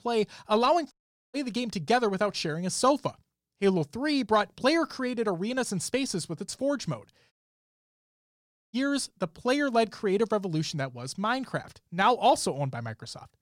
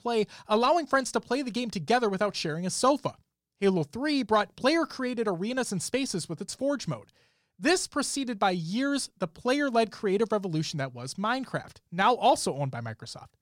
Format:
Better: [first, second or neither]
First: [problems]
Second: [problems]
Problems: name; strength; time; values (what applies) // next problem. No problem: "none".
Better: second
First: audio cutting out; at 1 s and at 7.5 s for 1.5 s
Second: none